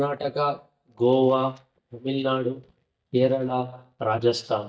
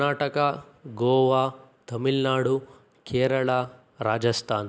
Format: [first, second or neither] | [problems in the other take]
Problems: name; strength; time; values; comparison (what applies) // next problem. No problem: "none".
second | noise reduction (neural mask model DeepFilterNet 3)